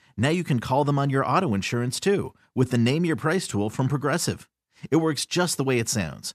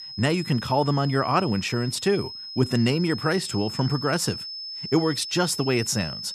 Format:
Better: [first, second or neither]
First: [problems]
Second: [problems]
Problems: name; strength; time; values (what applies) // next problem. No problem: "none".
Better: first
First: none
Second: high-pitched whine; loud; throughout; 5 kHz, 9 dB below the speech